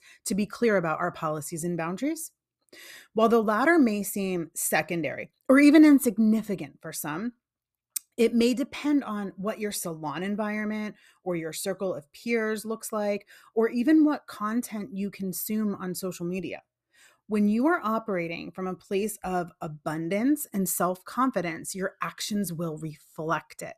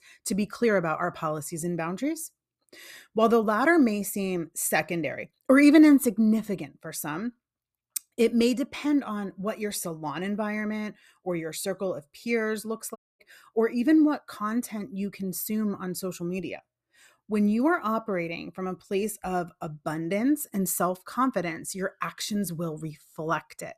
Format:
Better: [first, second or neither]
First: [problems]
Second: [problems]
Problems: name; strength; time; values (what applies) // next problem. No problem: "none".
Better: first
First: none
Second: audio cutting out; at 13 s